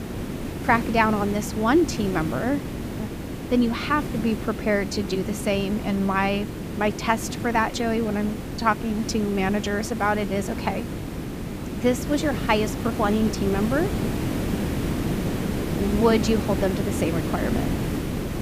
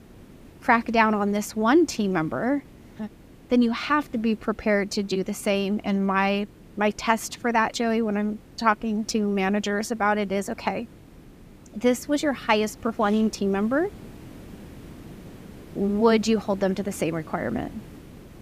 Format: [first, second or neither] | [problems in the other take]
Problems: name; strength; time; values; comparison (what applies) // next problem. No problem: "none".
second | hiss; loud; throughout; 5 dB below the speech; faint in the second